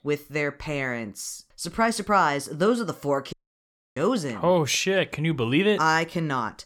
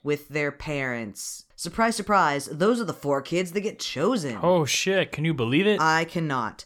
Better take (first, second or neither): second